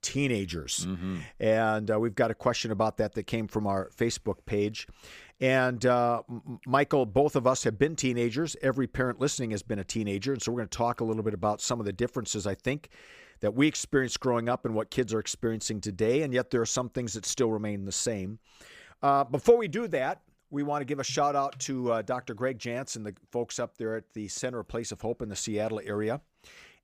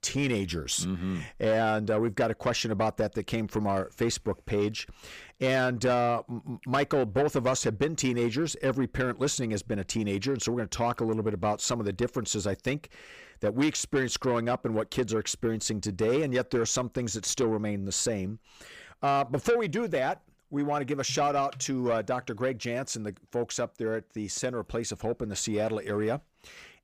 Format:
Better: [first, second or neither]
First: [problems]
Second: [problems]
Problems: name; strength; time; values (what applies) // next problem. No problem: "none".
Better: first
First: none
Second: distortion; slight; 10 dB below the speech